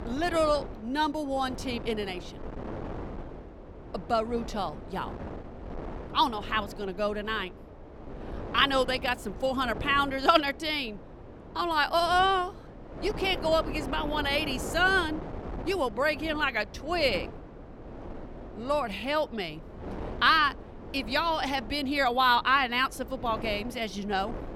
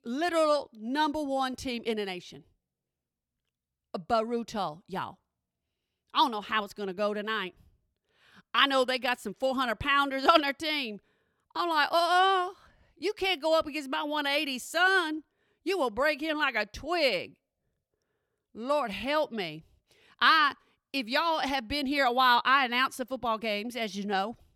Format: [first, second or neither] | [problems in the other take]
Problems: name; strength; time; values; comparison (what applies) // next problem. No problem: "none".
second | wind noise on the microphone; occasional gusts; 15 dB below the speech